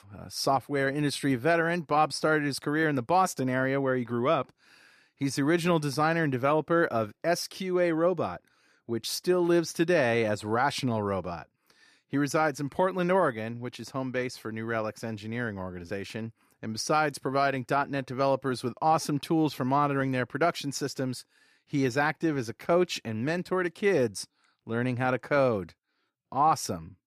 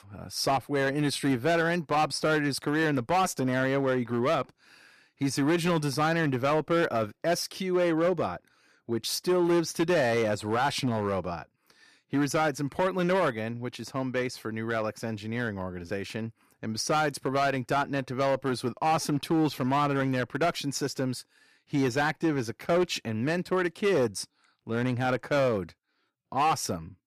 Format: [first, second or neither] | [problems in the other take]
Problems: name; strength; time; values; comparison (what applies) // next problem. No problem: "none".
first | distortion; slight; 7% of the sound clipped